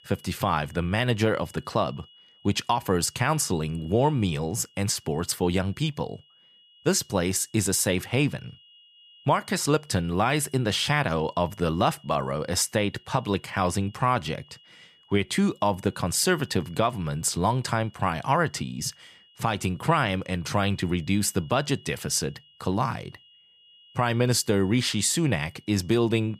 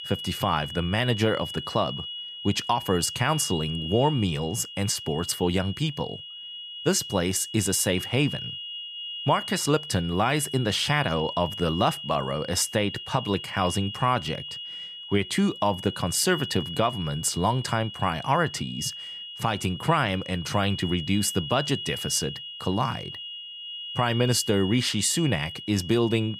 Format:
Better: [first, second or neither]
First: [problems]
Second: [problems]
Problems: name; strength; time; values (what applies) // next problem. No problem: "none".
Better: first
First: high-pitched whine; faint; throughout; 3 kHz, 30 dB below the speech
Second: high-pitched whine; loud; throughout; 3 kHz, 9 dB below the speech